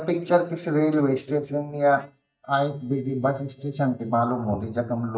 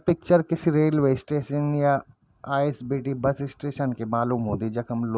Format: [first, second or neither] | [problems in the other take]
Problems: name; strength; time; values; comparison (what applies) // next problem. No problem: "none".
second | noise reduction (neural mask model DeepFilterNet 3)